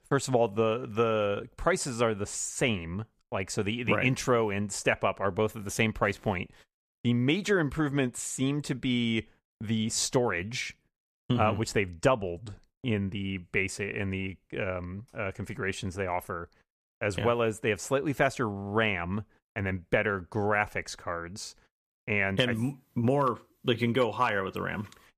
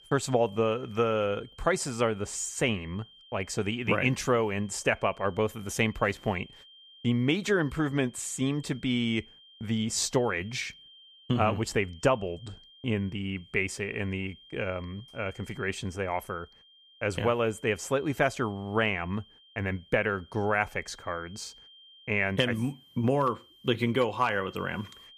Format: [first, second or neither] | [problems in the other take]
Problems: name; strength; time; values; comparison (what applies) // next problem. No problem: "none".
first | high-pitched whine; faint; throughout; 3 kHz, 25 dB below the speech